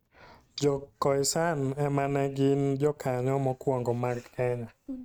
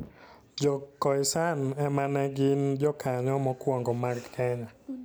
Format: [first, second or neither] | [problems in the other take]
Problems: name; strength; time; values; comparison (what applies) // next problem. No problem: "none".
second | noise reduction (neural mask model RNNoise)